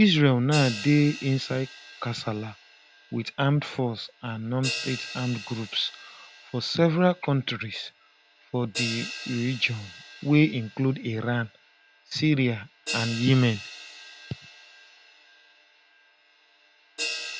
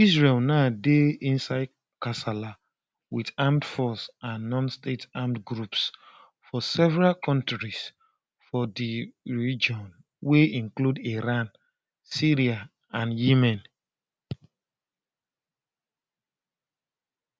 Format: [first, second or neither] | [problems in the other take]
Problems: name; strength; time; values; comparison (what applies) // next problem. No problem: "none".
second | background sound (Crash cymbal); 13 dB below the speech